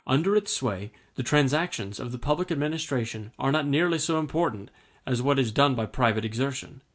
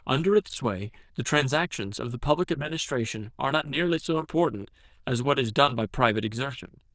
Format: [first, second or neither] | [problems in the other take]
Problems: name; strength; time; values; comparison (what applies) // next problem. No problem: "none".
first | noise reduction (neural diffusion model UNIVERSE++)